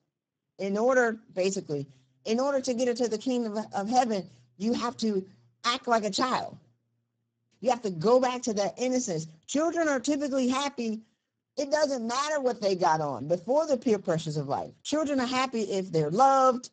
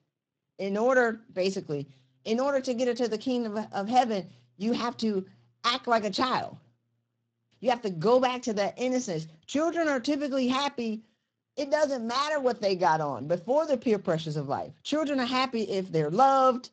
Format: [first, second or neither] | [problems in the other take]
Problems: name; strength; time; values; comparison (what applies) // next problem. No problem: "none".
second | garbled, watery; badly; nothing above 7.5 kHz; slightly in the second